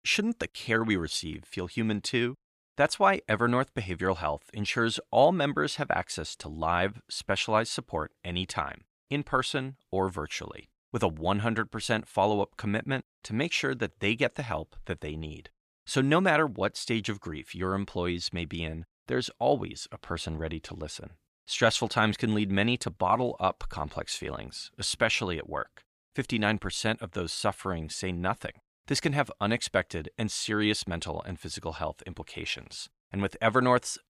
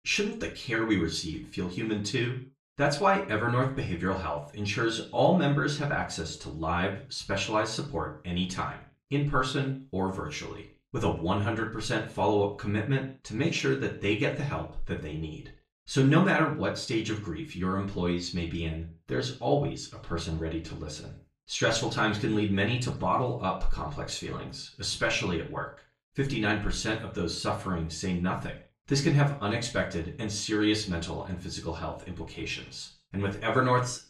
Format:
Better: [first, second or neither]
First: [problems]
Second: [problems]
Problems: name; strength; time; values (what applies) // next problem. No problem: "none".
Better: first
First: none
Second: room echo; slight; dies away in 0.3 s // off-mic speech; far